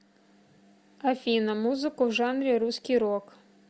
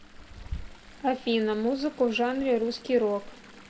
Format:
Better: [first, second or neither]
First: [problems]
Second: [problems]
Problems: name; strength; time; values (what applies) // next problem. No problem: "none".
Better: first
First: none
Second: background sound (Chatter / Stream); 16 dB below the speech // room echo; dies away in 1.4 s